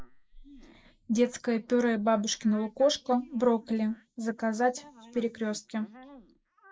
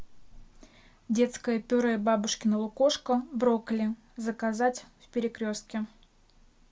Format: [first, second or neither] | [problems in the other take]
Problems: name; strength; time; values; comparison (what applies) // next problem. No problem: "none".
second | noise reduction (neural mask model Resemble Enhance denoiser)